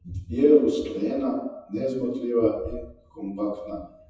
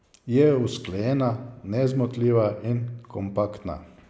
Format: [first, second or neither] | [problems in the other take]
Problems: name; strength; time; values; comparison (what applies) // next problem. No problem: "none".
second | noise reduction (classical method WPE with log-MMSE)